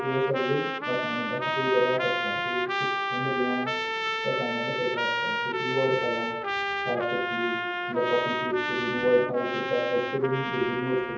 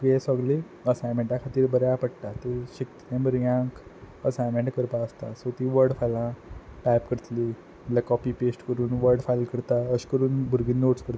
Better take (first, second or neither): second